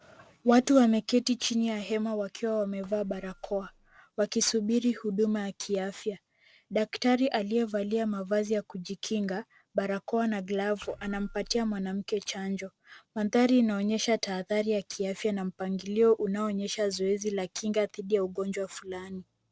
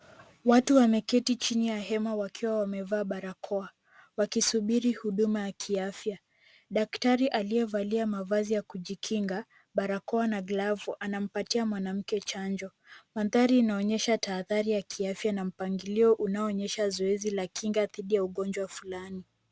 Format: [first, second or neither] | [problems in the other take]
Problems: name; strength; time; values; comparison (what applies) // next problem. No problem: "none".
second | noise reduction (neural separator model SepFormer DNS4)